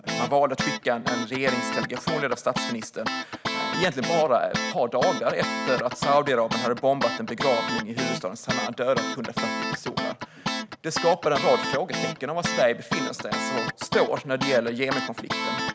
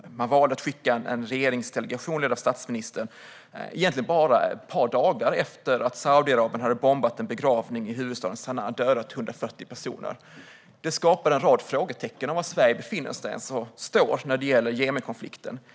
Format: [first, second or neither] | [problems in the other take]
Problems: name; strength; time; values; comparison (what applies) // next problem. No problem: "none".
second | background sound (Guitar); 4 dB below the speech